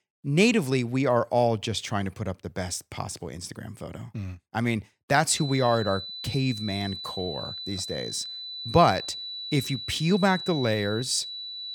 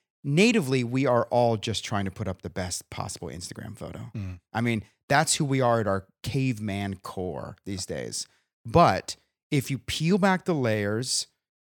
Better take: second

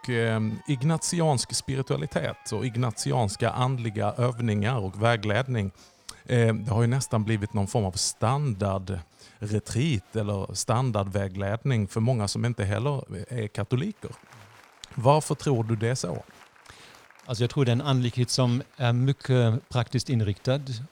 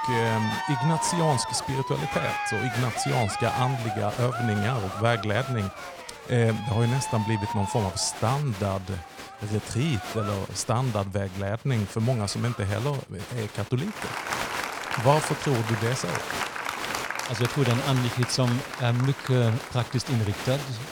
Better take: first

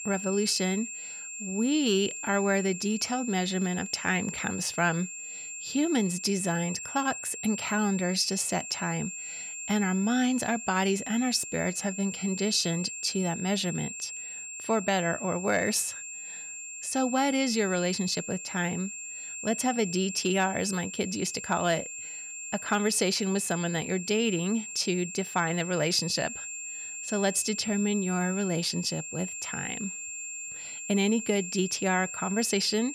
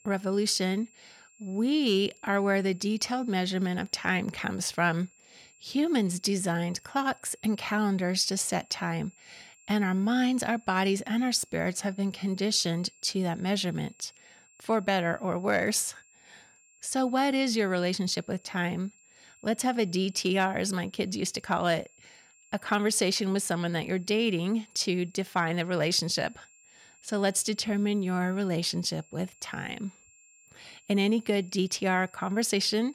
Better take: second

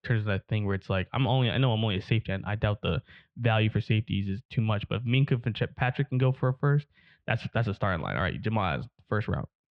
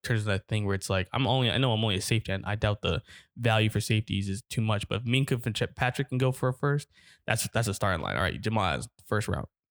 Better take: second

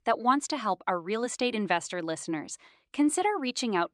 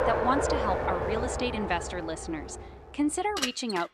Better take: first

